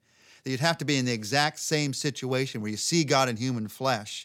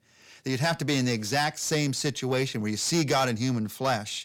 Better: first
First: none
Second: distortion; slight; 10 dB below the speech

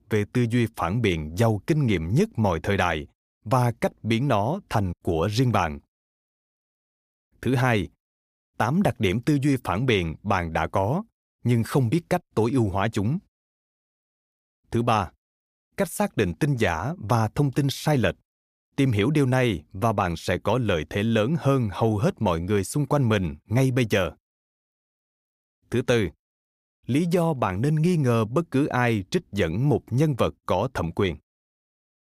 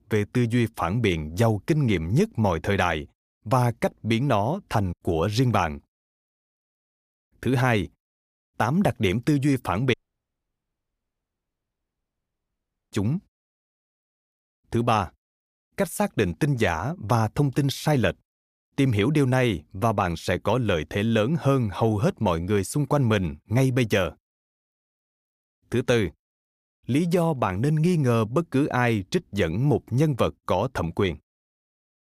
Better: first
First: none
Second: audio cutting out; at 10 s for 3 s

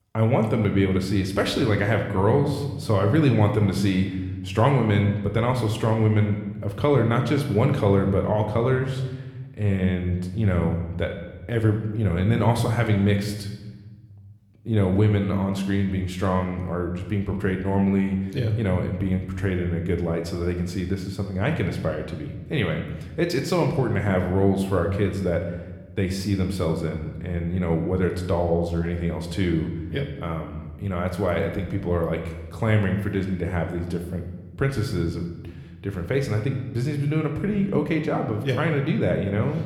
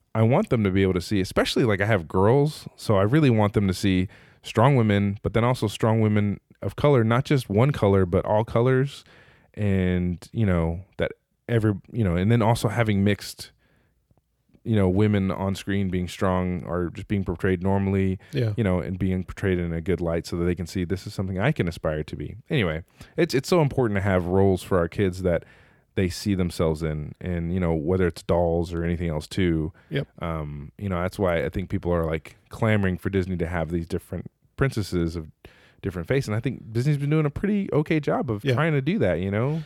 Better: second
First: room echo; slight; dies away in 1 s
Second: none

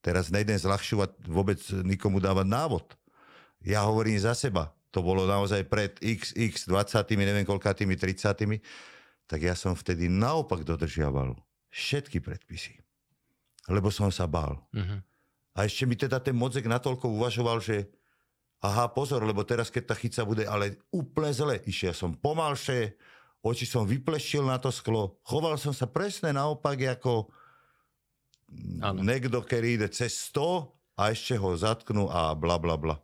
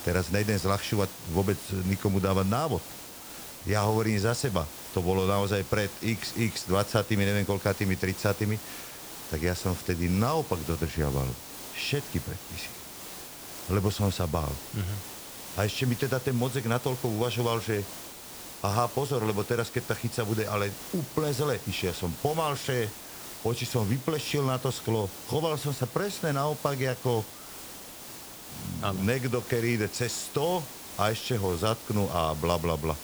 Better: first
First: none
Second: hiss; noticeable; throughout; 10 dB below the speech

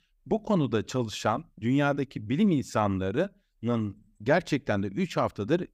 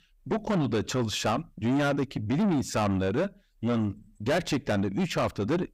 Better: first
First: none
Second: distortion; heavy; 7 dB below the speech

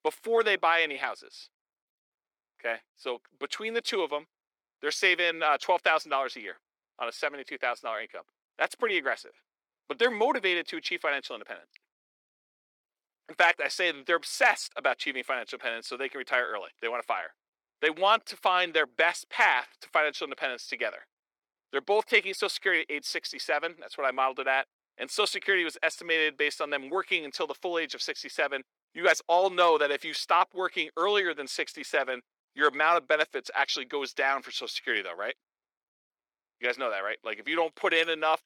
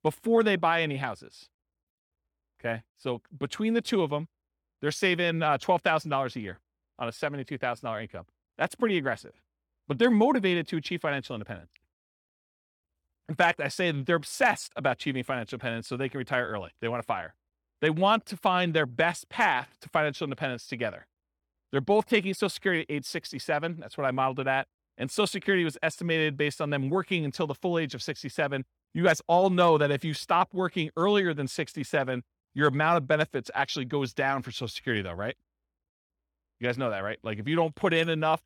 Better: second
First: thin; very; fading below 350 Hz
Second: none

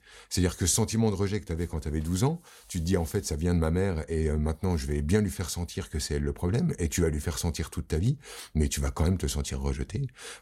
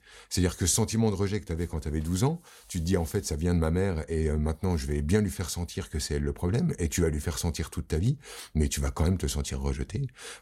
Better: neither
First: none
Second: none

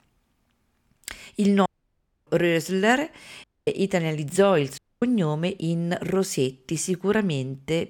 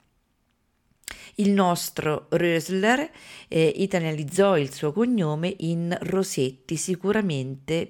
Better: second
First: audio cutting out; at 1.5 s for 0.5 s, at 3.5 s and at 5 s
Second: none

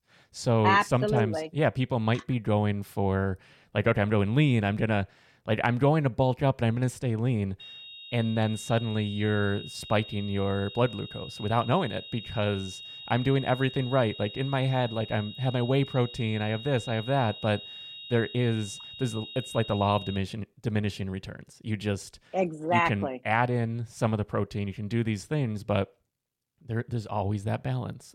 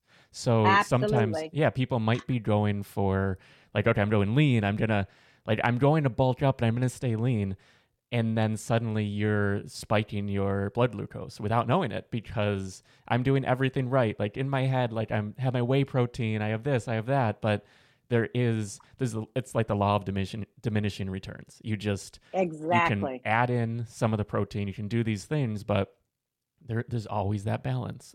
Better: second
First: high-pitched whine; noticeable; from 7.5 to 20 s; 3.5 kHz, 15 dB below the speech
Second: none

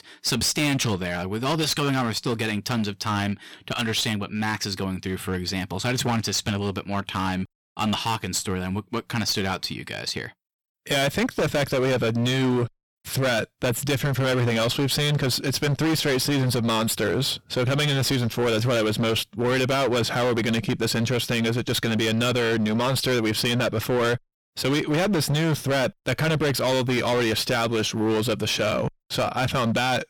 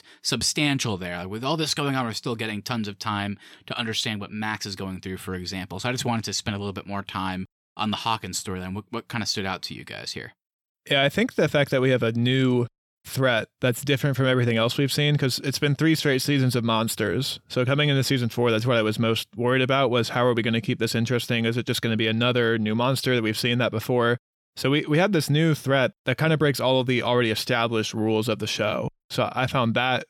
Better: second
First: distortion; heavy; 20% of the sound clipped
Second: none

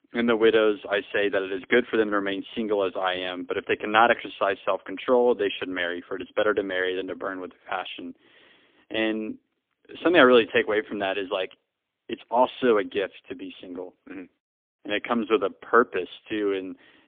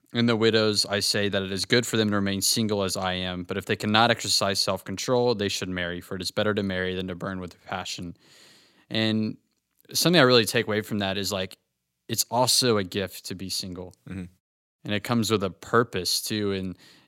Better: second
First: phone-call audio; poor line; nothing above 3.5 kHz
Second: none

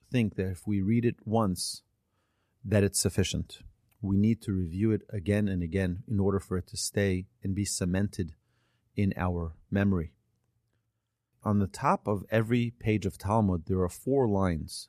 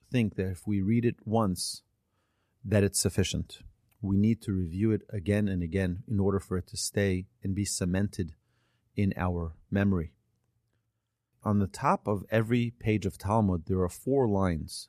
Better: neither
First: none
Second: none

